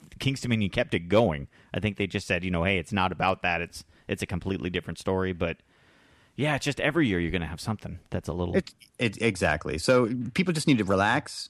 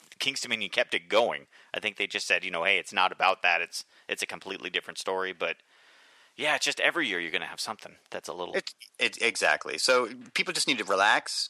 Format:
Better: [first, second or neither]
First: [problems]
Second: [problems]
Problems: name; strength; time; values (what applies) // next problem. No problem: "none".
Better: first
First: none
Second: thin; very; fading below 600 Hz